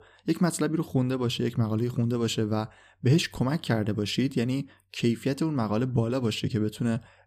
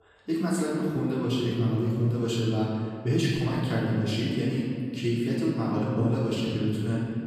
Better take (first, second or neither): first